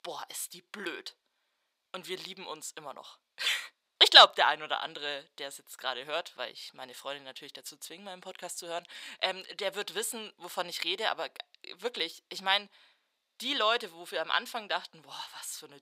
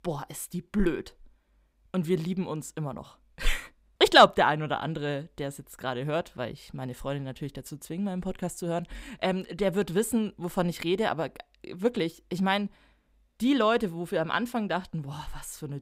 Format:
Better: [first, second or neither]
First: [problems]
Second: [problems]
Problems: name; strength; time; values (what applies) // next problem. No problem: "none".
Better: second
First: thin; very; fading below 700 Hz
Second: none